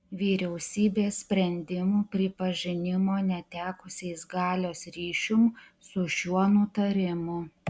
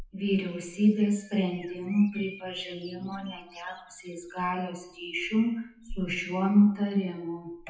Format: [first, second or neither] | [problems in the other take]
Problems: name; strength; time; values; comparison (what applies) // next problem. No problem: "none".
first | noise reduction (classical method WPE with log-MMSE)